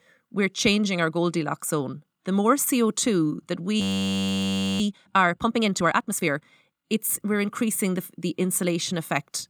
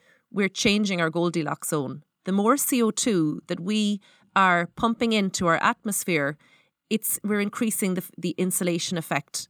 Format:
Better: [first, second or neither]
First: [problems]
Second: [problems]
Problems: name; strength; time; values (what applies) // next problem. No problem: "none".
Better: second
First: audio freezing; at 4 s for 1 s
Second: none